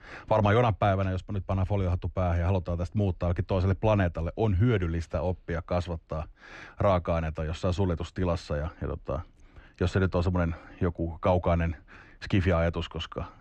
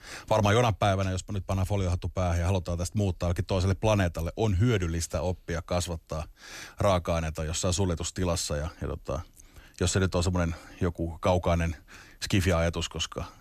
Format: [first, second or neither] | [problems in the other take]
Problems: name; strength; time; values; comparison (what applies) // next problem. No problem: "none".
second | muffled; very; fading above 2.5 kHz